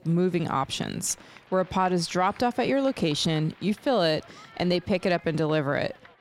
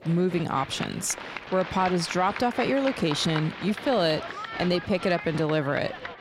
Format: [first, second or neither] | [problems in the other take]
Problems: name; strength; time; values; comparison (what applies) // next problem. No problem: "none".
first | crowd noise; loud; throughout; 10 dB below the speech; faint in the first